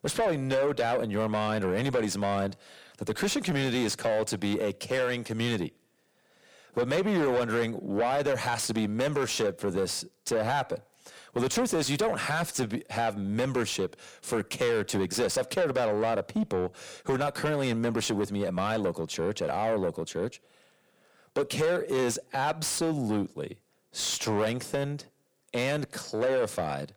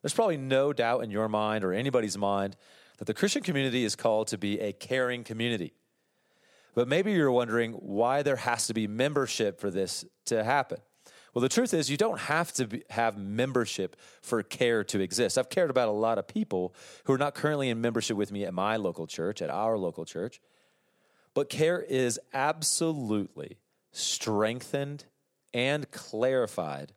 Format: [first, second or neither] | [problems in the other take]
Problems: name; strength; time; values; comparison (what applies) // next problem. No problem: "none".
second | distortion; heavy; 8 dB below the speech